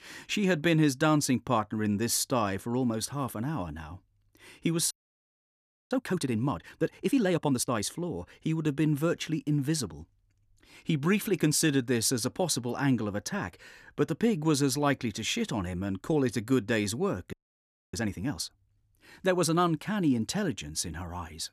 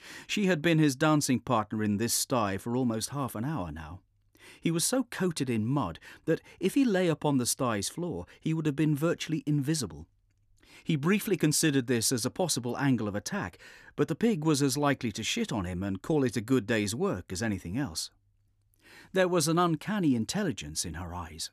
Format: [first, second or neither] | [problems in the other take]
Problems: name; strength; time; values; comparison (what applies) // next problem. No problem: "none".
second | audio freezing; at 5 s for 1 s and at 17 s for 0.5 s